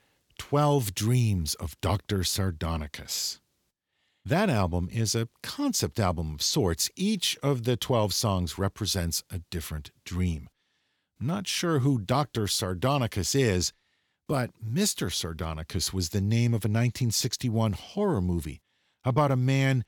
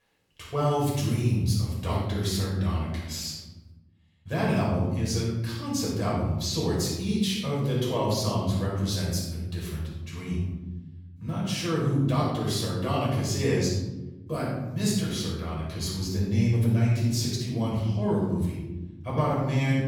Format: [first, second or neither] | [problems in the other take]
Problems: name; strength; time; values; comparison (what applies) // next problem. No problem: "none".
first | off-mic speech; far // room echo; noticeable; dies away in 1.3 s